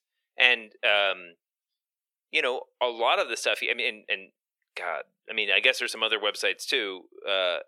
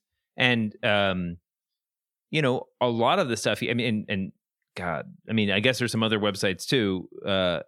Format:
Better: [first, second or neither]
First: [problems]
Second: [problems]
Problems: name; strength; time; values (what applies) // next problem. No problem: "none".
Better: second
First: thin; very; fading below 400 Hz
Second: none